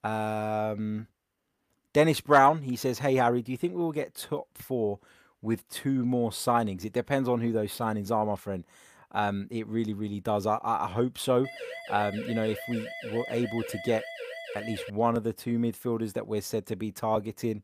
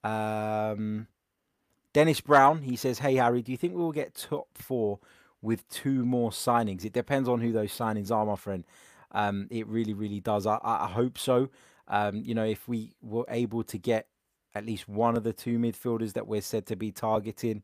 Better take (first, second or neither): second